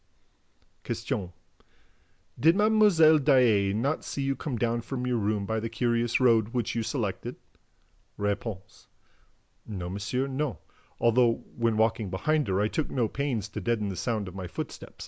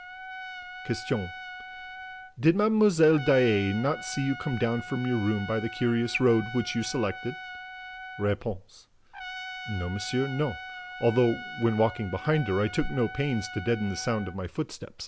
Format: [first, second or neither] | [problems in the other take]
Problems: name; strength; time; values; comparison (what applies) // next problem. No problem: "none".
first | background sound (Trumpet); 13 dB below the speech